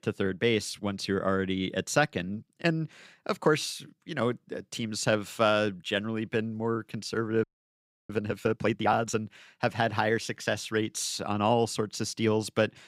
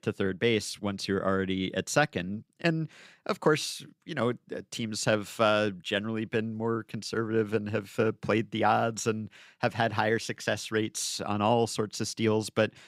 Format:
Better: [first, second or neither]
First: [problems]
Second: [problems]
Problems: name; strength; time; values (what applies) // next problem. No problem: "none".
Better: second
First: audio freezing; at 7.5 s for 0.5 s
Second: none